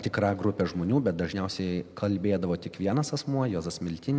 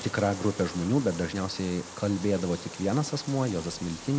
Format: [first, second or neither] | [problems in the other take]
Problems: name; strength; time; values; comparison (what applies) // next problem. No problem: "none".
first | background sound (Bathtub (filling or washing)); 15 dB below the speech